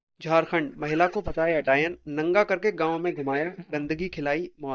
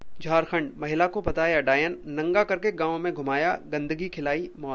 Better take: second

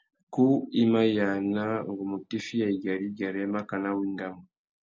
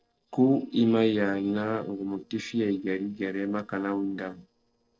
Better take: first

